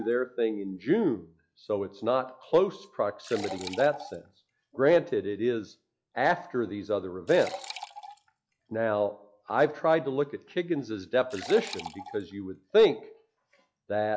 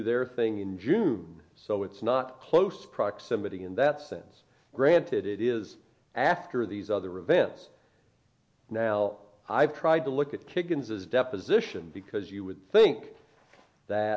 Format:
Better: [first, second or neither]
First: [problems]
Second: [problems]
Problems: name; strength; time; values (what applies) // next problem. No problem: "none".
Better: second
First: noise reduction (classical method log-MMSE)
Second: none